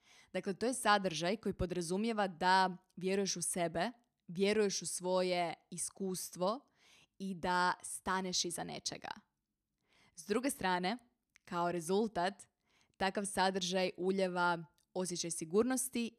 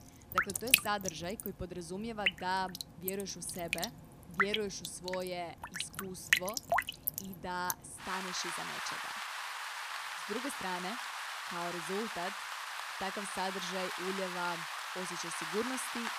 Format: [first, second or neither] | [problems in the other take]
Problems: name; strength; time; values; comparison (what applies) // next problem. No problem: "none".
first | rain or running water; very loud; throughout; 4 dB above the speech